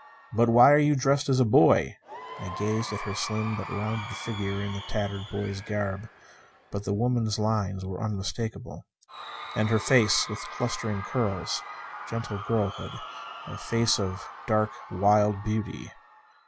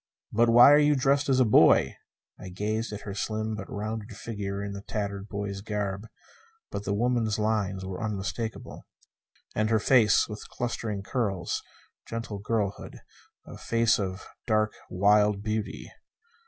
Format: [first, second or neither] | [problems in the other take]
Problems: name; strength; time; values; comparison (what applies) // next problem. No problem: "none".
second | background sound (Crowd / Cheering); 14 dB below the speech